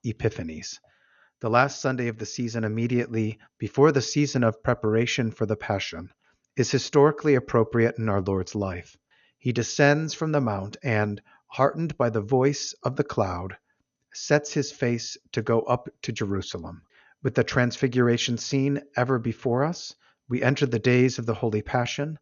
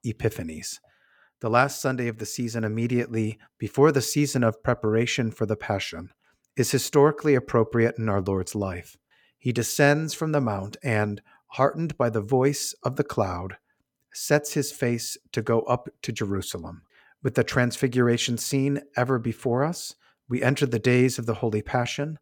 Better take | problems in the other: second | garbled, watery; slightly; nothing above 6.5 kHz

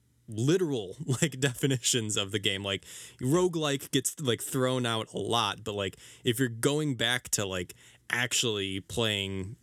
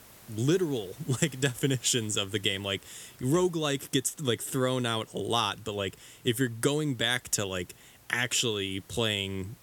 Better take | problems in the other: first | hiss; faint; throughout; 25 dB below the speech

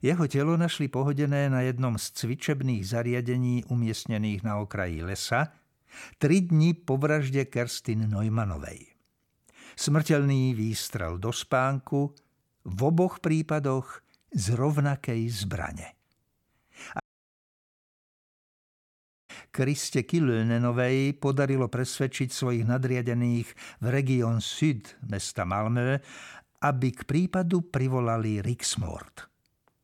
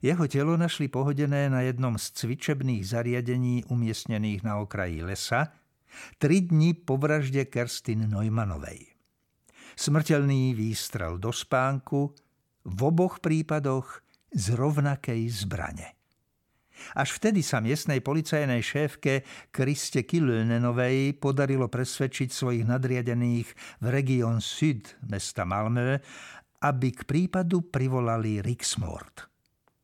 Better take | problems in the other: second | audio cutting out; at 17 s for 2.5 s

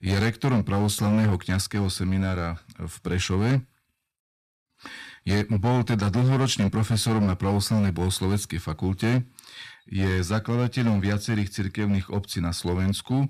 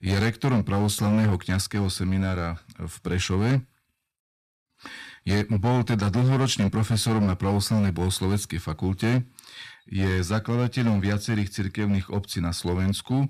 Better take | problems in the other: neither | distortion; slight; 9% of the sound clipped; the same in both

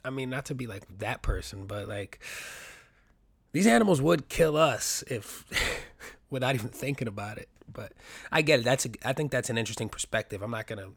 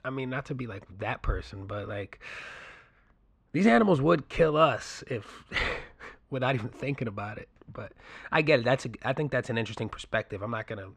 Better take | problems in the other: first | muffled; slightly; fading above 3 kHz

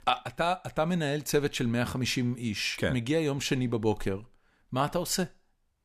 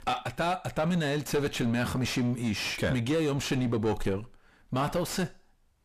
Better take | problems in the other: first | distortion; heavy; 7 dB below the speech

